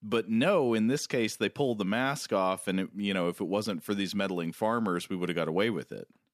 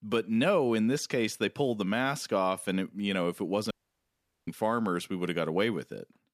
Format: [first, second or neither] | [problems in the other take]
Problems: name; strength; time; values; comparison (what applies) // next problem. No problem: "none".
first | audio cutting out; at 3.5 s for 1 s